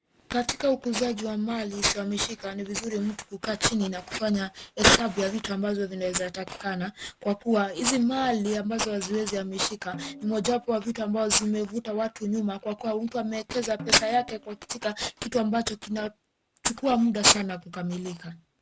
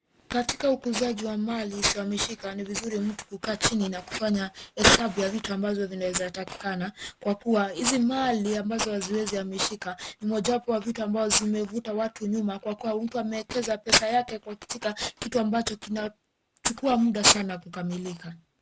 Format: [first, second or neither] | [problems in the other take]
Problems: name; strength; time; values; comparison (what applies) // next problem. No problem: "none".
second | background sound (Snare drum); 20 dB below the speech